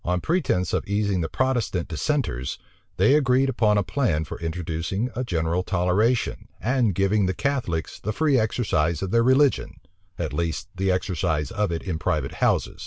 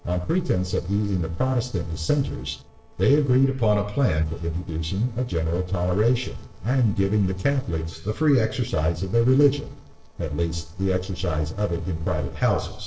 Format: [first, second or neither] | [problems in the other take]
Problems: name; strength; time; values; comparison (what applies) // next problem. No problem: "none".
first | noise reduction (neural separator model SepFormer DNS4)